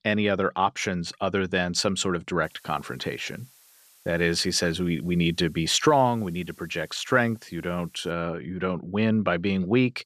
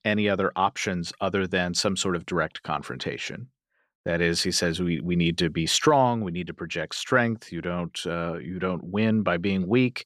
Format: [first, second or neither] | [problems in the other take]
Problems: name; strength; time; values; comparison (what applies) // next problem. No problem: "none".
second | hiss; faint; from 2.5 to 8 s; 30 dB below the speech